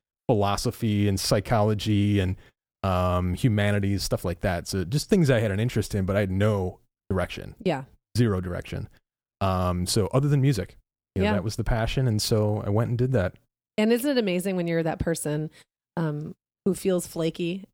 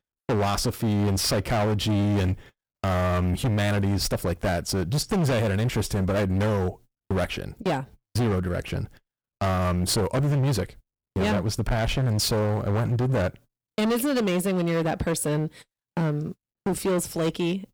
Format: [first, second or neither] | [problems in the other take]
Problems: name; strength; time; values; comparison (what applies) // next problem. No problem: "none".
first | distortion; heavy; 22% of the sound clipped